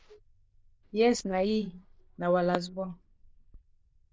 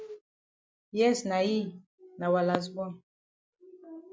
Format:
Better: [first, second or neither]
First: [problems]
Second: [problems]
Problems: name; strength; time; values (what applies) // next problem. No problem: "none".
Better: second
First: noise reduction (neural diffusion model UNIVERSE++)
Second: none